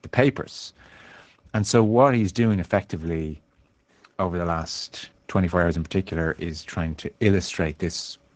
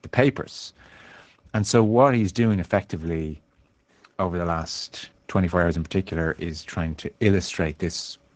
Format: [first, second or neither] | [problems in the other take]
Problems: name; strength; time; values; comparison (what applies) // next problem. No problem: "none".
neither | garbled, watery; slightly; the same in both